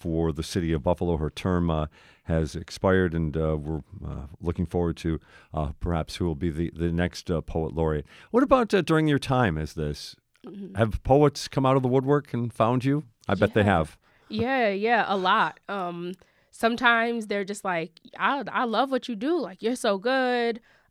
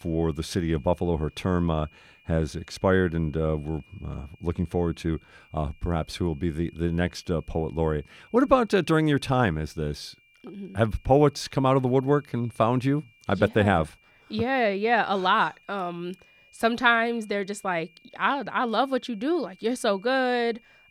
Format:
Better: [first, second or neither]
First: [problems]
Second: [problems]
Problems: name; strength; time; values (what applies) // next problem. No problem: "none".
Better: first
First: none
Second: high-pitched whine; faint; throughout; 2.5 kHz, 30 dB below the speech